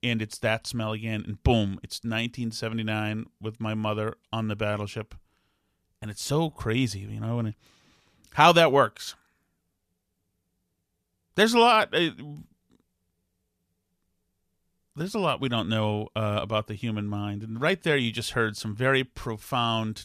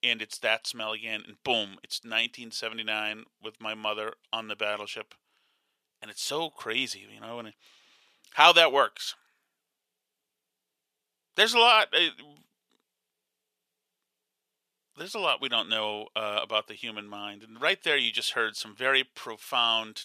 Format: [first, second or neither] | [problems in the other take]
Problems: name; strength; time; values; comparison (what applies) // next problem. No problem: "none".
first | thin; very; fading below 500 Hz